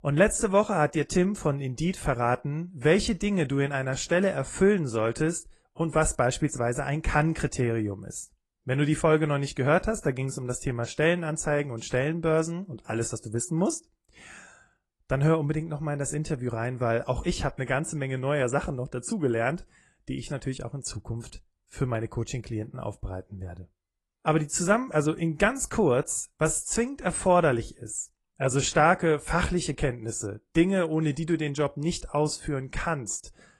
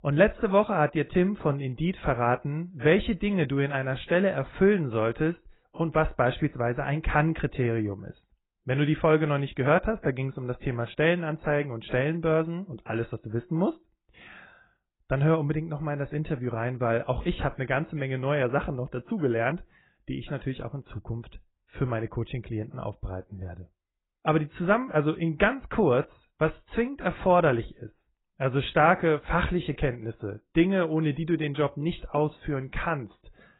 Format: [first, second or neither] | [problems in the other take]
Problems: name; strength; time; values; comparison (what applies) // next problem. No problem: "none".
first | garbled, watery; badly; nothing above 4 kHz; slightly in the first